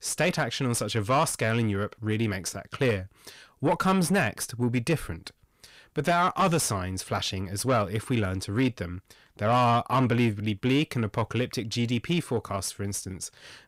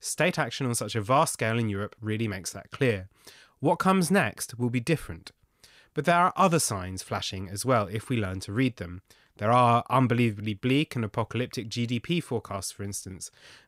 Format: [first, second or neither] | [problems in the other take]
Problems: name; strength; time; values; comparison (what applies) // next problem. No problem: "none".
second | distortion; slight; 10 dB below the speech